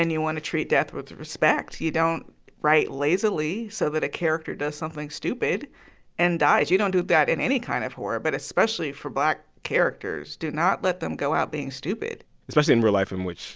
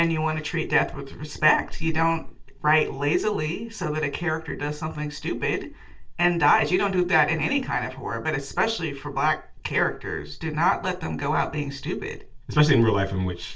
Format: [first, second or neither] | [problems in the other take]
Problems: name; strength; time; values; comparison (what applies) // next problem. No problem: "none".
first | room echo; dies away in 0.2 s